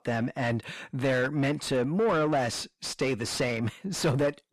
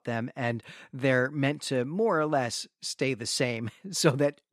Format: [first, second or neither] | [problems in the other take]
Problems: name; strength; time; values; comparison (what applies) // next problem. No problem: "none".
second | distortion; heavy; 6 dB below the speech